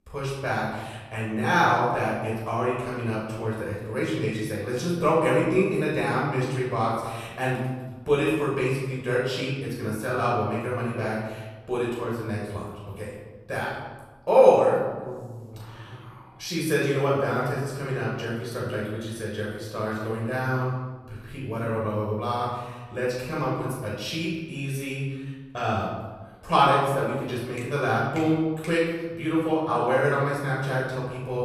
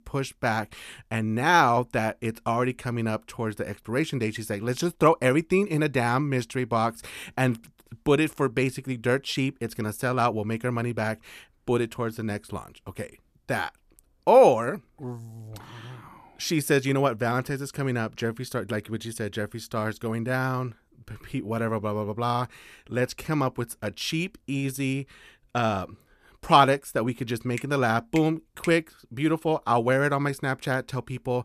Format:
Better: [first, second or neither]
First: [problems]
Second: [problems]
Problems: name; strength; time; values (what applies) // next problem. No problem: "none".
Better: second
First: off-mic speech; far // room echo; noticeable; dies away in 1.1 s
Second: none